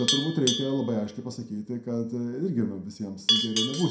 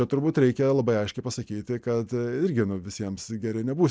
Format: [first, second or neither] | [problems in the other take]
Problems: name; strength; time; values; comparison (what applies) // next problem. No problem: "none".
second | background sound (Livestock, farm animals, working animals); 3 dB below the speech // room echo; dies away in 0.4 s